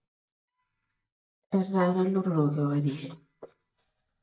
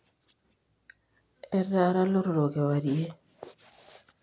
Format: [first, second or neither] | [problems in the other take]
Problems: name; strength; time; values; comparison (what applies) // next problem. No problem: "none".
second | noise reduction (neural mask model DeepFilterNet 3)